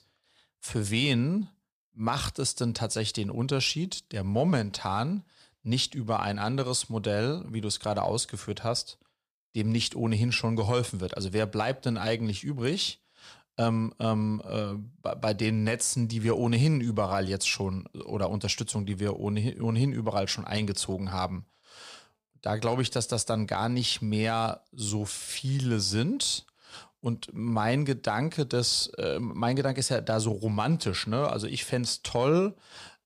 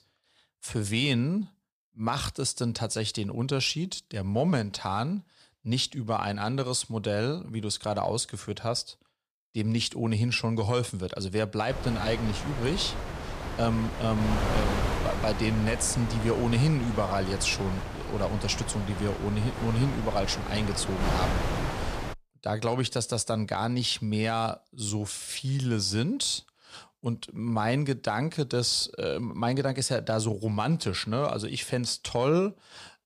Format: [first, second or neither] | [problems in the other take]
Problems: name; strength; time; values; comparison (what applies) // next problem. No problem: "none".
first | wind noise on the microphone; heavy; from 12 to 22 s; 4 dB below the speech